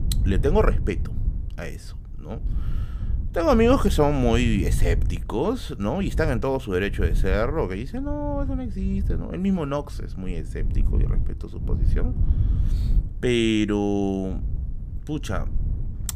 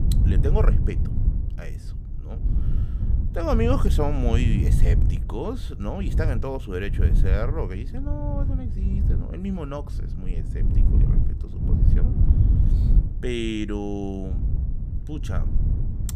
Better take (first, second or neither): first